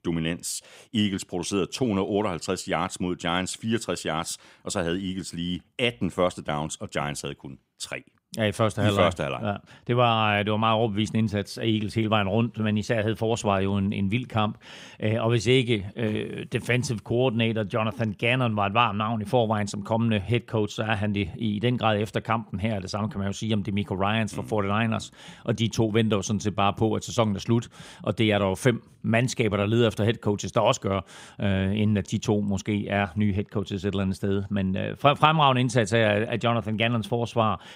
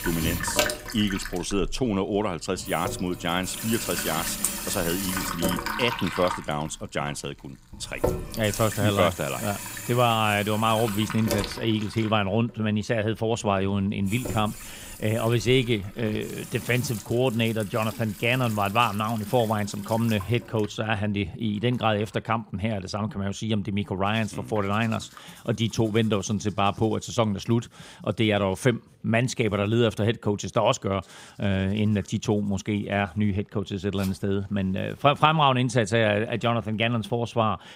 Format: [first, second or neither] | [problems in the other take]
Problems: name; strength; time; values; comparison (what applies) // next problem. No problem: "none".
first | household noises; loud; throughout; 7 dB below the speech